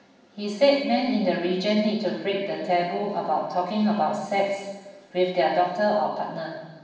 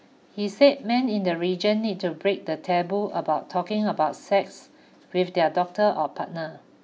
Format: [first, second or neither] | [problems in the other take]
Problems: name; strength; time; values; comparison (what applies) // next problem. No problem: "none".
second | room echo; dies away in 1.1 s